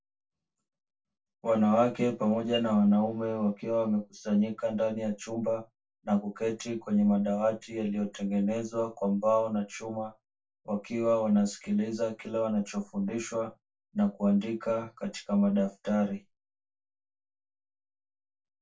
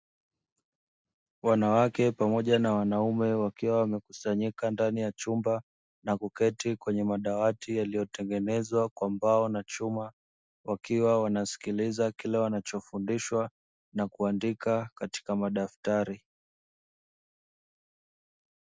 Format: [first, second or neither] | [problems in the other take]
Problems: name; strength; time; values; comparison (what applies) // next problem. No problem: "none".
second | room echo; dies away in 0.2 s